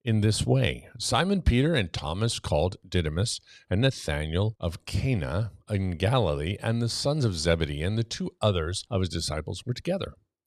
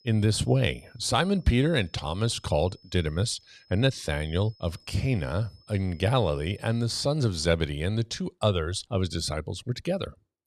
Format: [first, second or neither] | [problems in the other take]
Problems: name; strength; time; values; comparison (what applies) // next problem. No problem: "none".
first | high-pitched whine; faint; until 7 s; 5 kHz, 30 dB below the speech